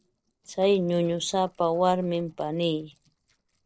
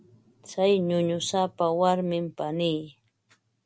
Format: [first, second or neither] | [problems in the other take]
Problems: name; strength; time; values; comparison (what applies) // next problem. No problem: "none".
second | noise reduction (neural separator model SepFormer DNS4)